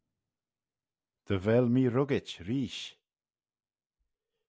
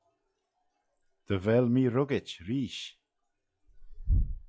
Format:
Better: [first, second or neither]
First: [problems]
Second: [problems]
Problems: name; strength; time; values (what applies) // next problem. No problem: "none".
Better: first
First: none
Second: noise reduction (classical method log-MMSE)